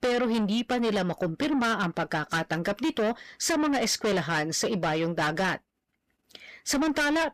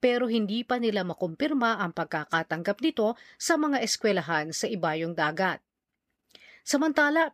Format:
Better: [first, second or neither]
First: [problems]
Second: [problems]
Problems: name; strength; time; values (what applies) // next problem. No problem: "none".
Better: second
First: distortion; heavy; 6 dB below the speech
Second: none